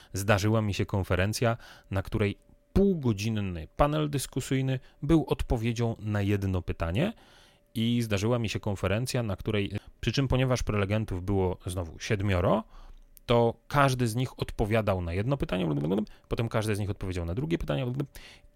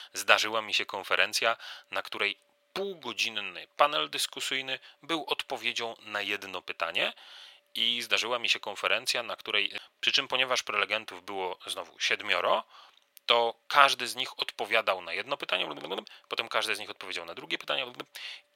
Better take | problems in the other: first | thin; very; fading below 750 Hz

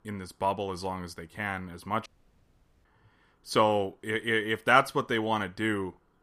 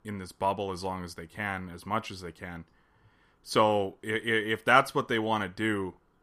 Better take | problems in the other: second | audio cutting out; at 2 s for 1 s

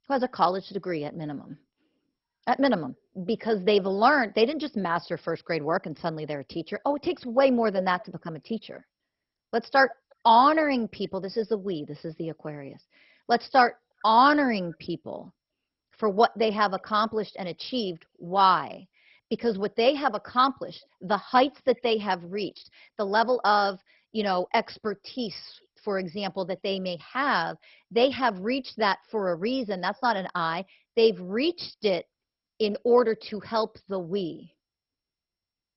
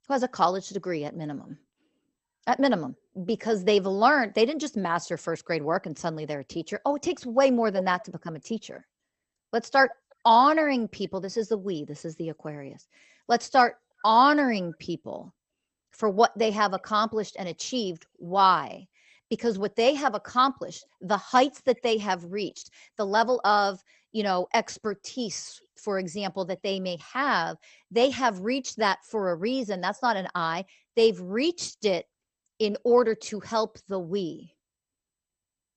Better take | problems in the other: second | garbled, watery; badly; nothing above 5.5 kHz; slightly in the second

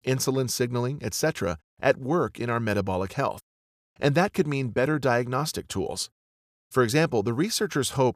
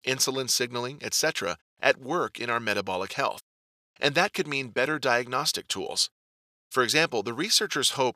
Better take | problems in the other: first | thin; somewhat; fading below 550 Hz

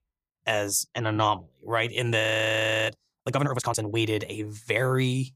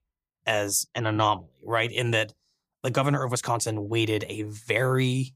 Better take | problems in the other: second | audio freezing; at 2 s for 0.5 s

